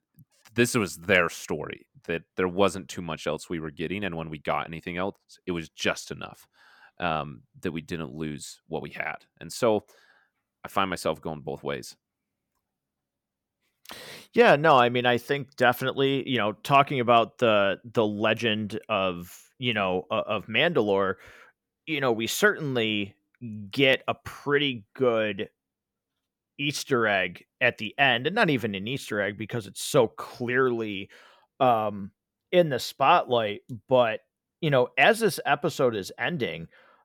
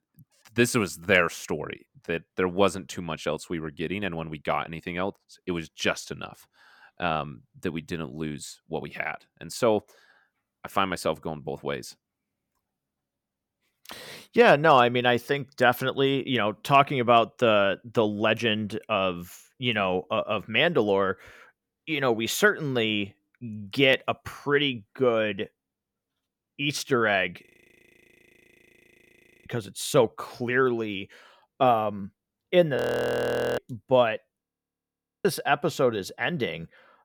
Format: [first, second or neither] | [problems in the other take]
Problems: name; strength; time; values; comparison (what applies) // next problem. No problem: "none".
first | audio freezing; at 27 s for 2 s, at 33 s for 1 s and at 34 s for 1 s